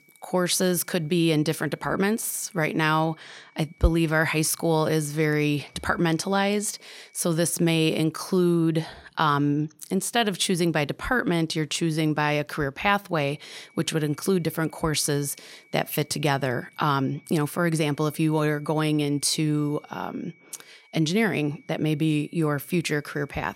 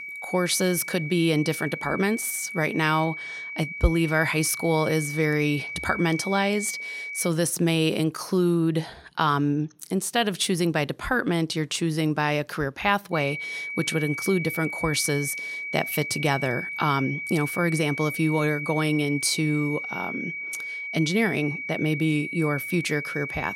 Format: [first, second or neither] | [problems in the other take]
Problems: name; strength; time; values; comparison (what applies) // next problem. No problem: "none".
first | high-pitched whine; loud; until 7.5 s and from 13 s on; 2.5 kHz, 6 dB below the speech; faint in the first